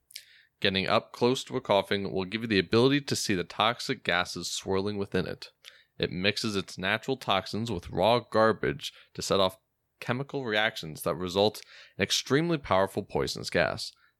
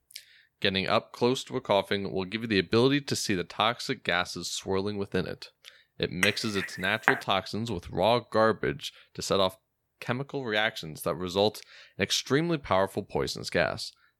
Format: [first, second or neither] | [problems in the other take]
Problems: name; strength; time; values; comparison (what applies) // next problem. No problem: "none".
first | clattering dishes; loud; at 6 s; peak 1 dB above the speech